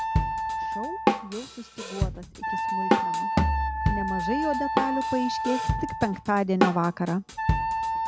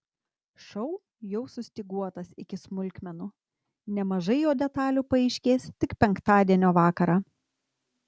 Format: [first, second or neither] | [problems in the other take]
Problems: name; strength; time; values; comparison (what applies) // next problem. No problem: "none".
second | background sound (Drum kit + Wind instrument, woodwind instrument); 4 dB above the speech